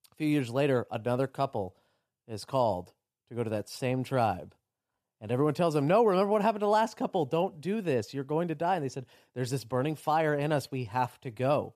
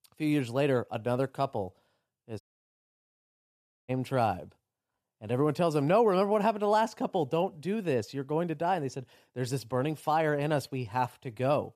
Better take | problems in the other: first | audio cutting out; at 2.5 s for 1.5 s

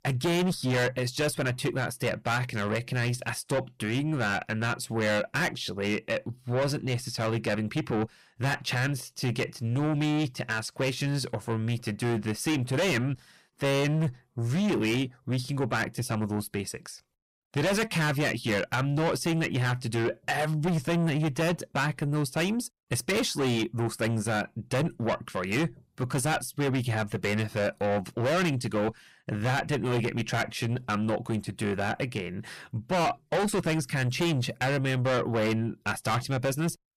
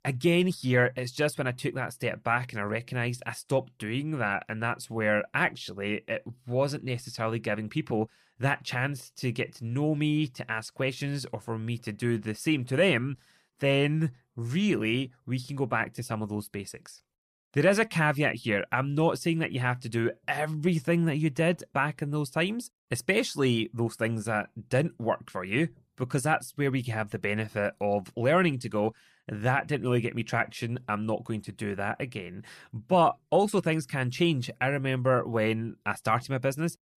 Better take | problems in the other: second | distortion; heavy; 6 dB below the speech

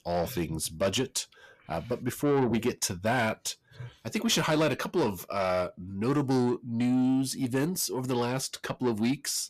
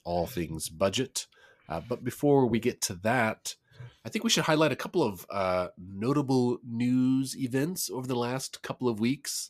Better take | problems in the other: second | distortion; slight; 10 dB below the speech

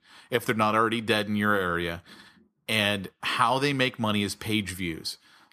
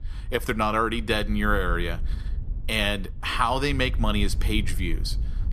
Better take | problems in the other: first | wind noise on the microphone; occasional gusts; 25 dB below the speech

